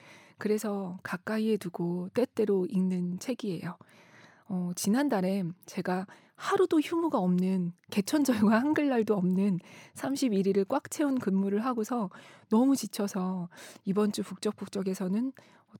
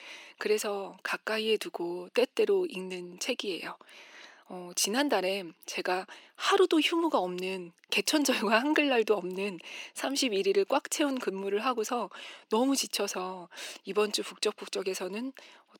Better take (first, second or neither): first